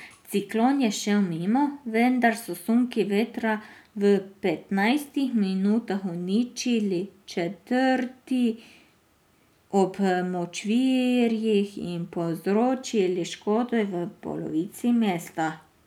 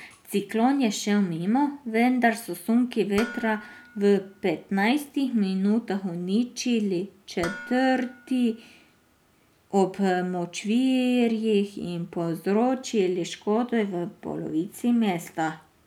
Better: first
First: none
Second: background sound (Dishes, pots, and pans); 17 dB below the speech

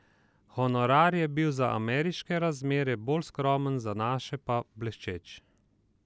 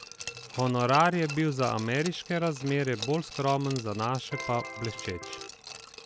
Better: first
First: none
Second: background sound (Electric guitar + Glass); 13 dB below the speech

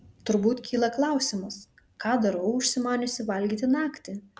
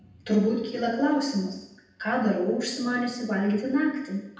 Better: first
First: none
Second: room echo; dies away in 0.9 s

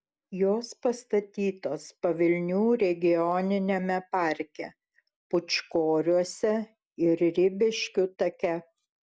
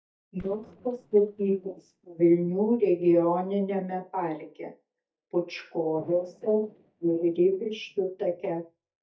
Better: first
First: none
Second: noise reduction (neural mask model DeepFilterNet 3)

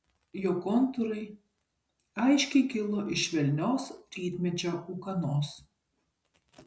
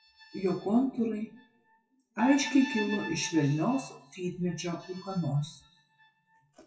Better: first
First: none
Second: noise reduction (classical method WPE with log-MMSE)

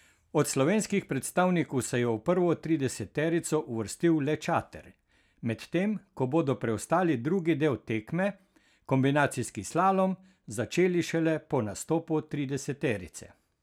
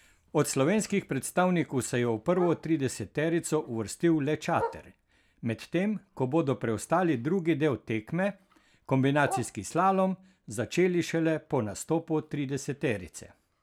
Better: first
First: none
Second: background sound (Bark); 18 dB below the speech

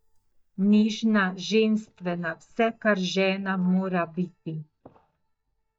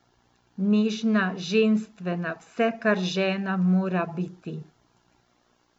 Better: second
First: noise reduction (neural mask model DeepFilterNet 3)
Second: none

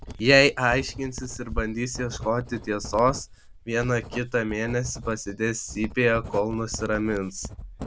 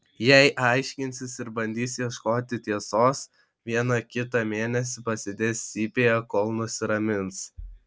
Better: second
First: background sound (Writing); 12 dB below the speech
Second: none

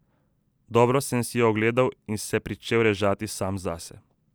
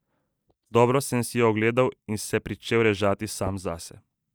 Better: first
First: none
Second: noise reduction (neural mask model DeepFilterNet 3)

